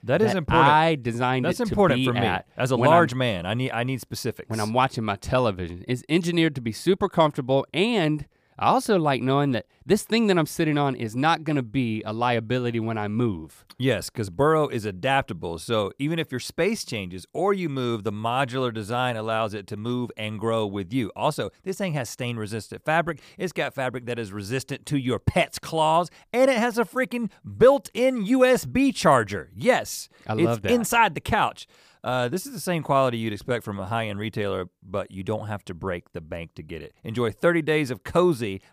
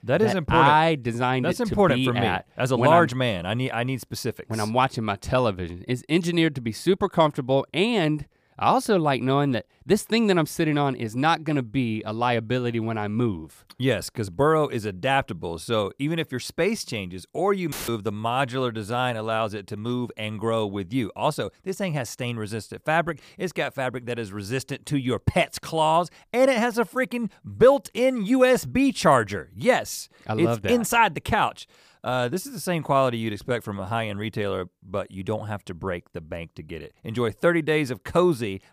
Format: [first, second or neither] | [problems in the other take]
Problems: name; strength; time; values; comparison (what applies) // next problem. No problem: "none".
first | audio cutting out; filled with static; at 18 s